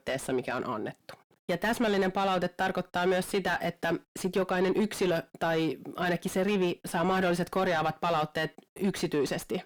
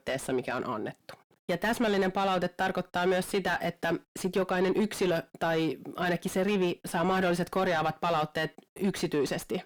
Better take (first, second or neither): neither